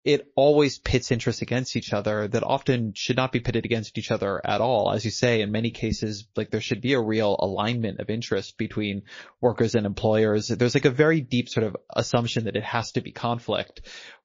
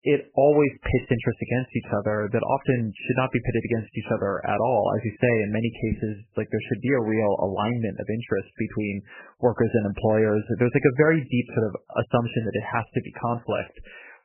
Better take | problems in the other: first | garbled, watery; badly; nothing above 3 kHz; slightly in the first

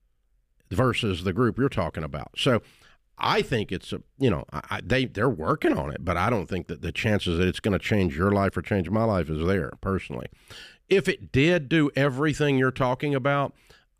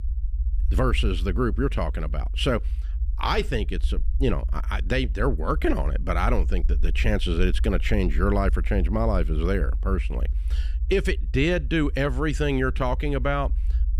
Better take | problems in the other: first | low rumble; faint; throughout; 20 dB below the speech

